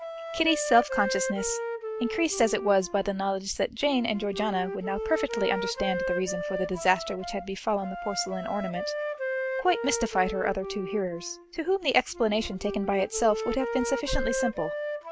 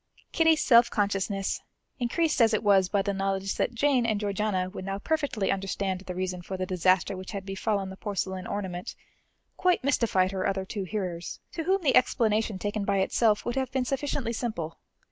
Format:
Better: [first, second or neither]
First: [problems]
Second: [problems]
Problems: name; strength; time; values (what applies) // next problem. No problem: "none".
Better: second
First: background sound (Wind instrument, woodwind instrument); 6 dB below the speech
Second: none